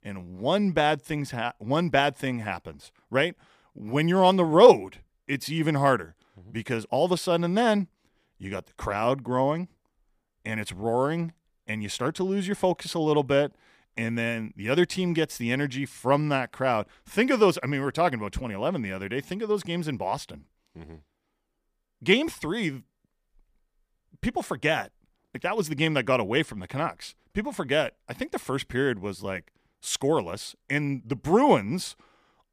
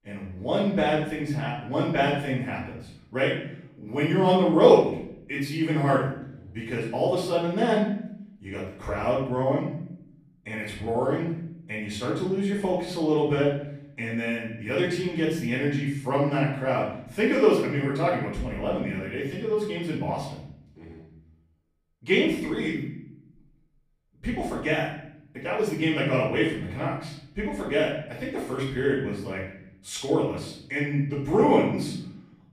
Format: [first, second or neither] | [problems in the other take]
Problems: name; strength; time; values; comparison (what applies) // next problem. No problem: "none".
first | room echo; noticeable; dies away in 0.9 s // off-mic speech; far